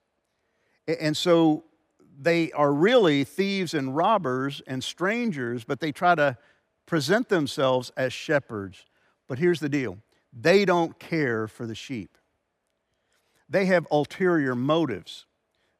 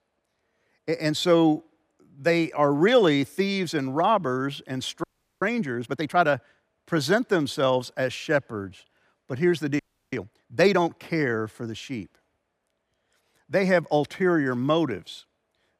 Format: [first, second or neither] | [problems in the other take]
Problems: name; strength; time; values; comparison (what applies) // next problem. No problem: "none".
first | audio freezing; at 5 s and at 10 s